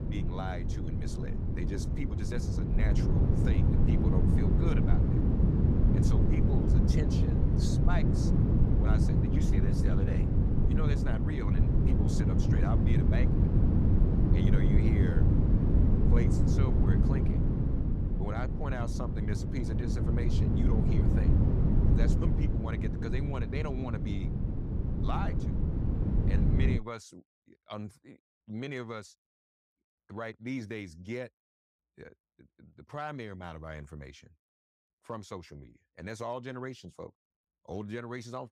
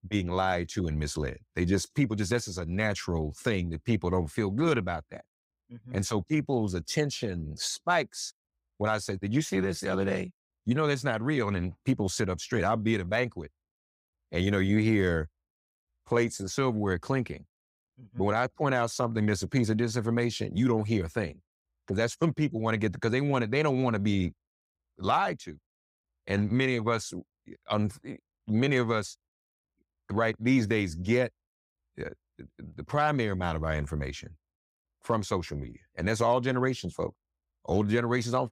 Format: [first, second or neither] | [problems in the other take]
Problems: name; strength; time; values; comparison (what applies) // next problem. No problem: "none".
second | wind noise on the microphone; heavy; until 27 s; 3 dB above the speech